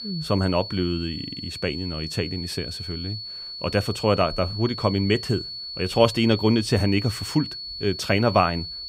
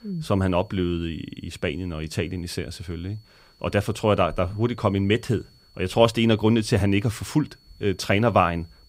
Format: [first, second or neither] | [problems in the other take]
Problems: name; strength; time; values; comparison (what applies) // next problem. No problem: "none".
second | high-pitched whine; loud; throughout; 4.5 kHz, 8 dB below the speech; faint in the second